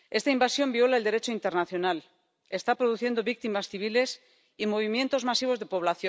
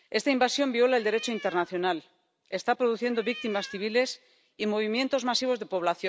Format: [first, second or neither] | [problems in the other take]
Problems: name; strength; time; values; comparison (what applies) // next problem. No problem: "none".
first | background sound (Cat); 16 dB below the speech